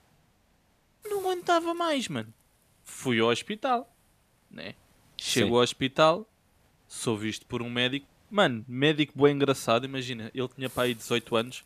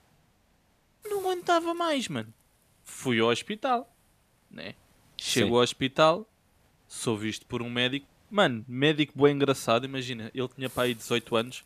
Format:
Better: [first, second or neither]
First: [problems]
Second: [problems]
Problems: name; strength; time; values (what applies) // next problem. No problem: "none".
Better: neither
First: hiss; faint; throughout; 25 dB below the speech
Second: hiss; faint; throughout; 25 dB below the speech